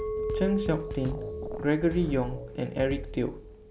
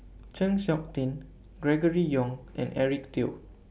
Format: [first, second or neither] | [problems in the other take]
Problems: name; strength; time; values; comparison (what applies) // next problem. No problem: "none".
second | background sound (Drum kit + Chink, clink); 5 dB below the speech